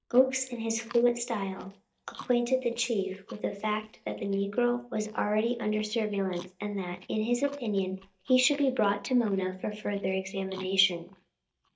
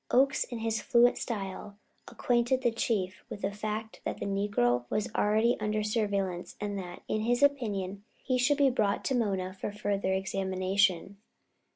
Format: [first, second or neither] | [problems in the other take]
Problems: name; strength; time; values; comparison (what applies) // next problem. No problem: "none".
second | noise reduction (neural mask model DeepFilterNet 3)